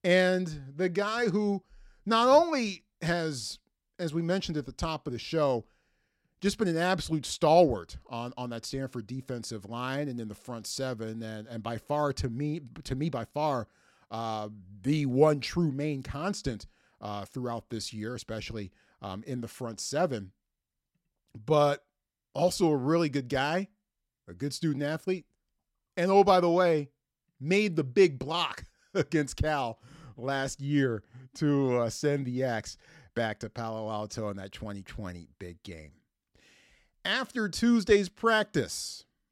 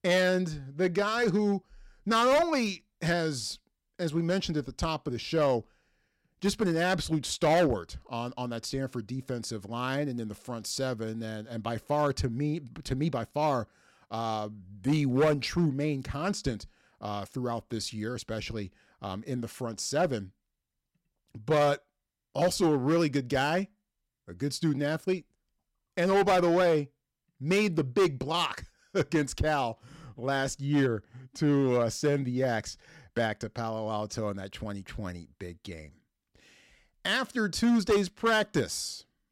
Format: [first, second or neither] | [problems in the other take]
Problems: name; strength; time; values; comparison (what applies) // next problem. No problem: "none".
first | distortion; slight; 4% of the sound clipped